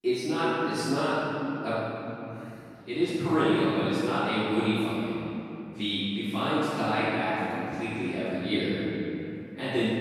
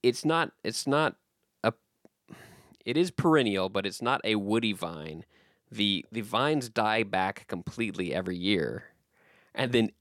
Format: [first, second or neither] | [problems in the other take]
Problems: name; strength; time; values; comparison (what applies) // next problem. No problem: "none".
second | off-mic speech; far // room echo; strong; dies away in 2.6 s